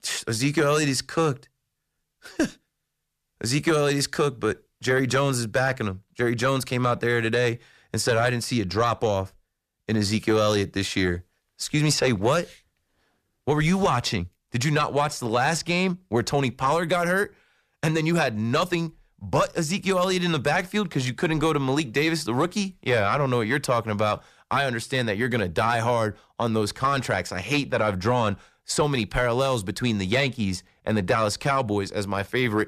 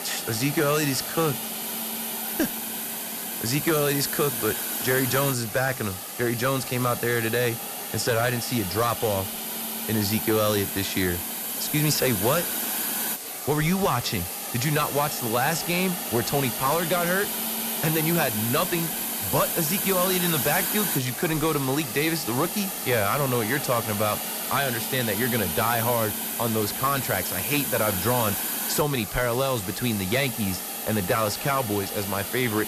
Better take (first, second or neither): first